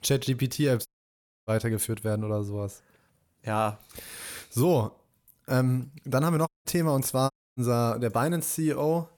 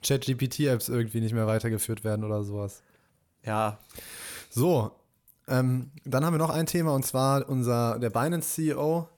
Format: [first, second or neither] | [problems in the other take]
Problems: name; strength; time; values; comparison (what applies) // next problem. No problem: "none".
second | audio cutting out; at 1 s for 0.5 s, at 6.5 s and at 7.5 s